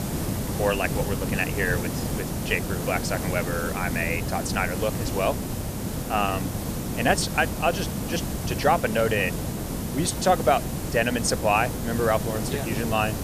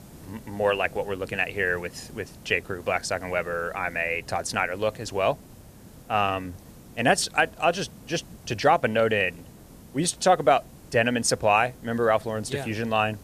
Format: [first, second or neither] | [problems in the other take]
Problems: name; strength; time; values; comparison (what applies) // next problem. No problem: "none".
second | hiss; loud; throughout; 3 dB below the speech; faint in the second